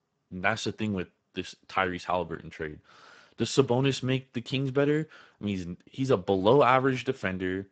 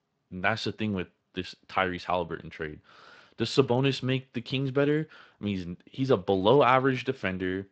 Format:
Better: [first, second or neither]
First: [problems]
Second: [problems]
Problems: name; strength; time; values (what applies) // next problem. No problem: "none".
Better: second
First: garbled, watery; badly; nothing above 8 kHz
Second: garbled, watery; slightly; nothing above 8 kHz